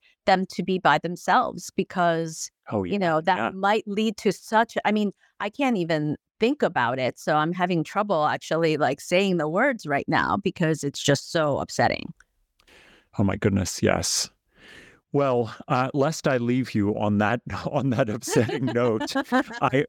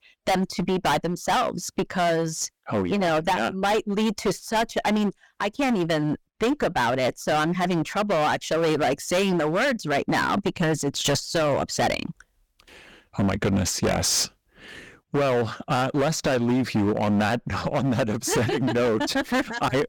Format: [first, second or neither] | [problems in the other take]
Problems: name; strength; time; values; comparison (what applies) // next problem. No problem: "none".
first | distortion; heavy; 18% of the sound clipped